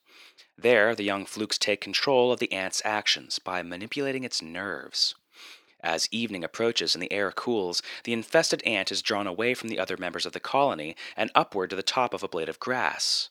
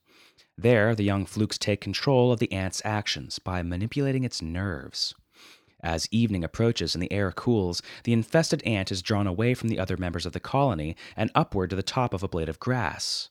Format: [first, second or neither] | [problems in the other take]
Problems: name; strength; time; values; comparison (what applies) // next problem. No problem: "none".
second | thin; somewhat; fading below 400 Hz